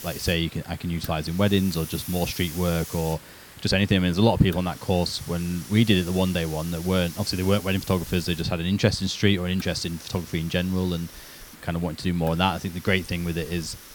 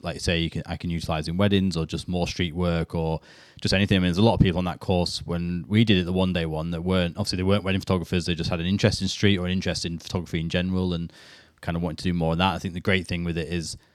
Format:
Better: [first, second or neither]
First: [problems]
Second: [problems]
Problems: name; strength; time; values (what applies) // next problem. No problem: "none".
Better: second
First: hiss; noticeable; throughout; 15 dB below the speech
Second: none